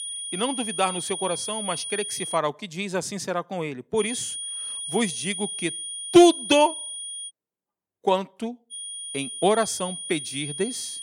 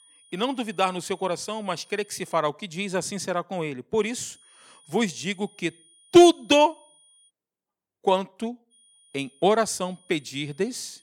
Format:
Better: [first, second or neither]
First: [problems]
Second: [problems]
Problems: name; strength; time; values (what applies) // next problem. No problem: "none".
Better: second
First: high-pitched whine; loud; until 2.5 s, from 4 to 7.5 s and from 8.5 s on; 9.5 kHz, 6 dB below the speech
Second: high-pitched whine; faint; until 2.5 s, from 4 to 7.5 s and from 8.5 s on; 9.5 kHz, 30 dB below the speech